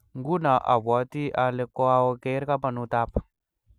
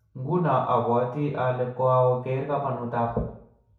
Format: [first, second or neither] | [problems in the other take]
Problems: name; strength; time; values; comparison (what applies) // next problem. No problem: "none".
first | room echo; dies away in 0.6 s